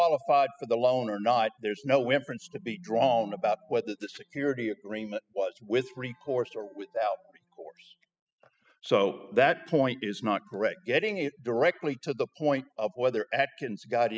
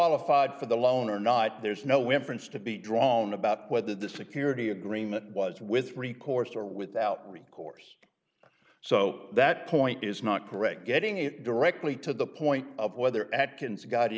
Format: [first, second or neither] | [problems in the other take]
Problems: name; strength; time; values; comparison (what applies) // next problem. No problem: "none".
second | noise reduction (classical method spectral subtraction)